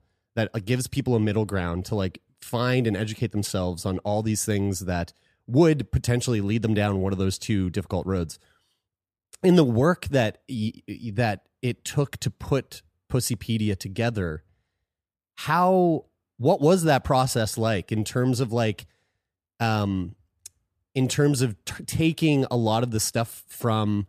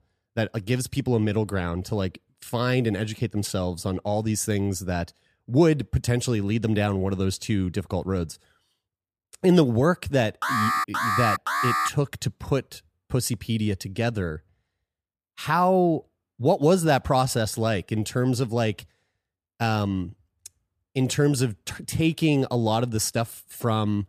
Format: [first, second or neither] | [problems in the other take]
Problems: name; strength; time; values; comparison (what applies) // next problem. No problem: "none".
first | alarm; loud; from 10 to 12 s; peak 2 dB above the speech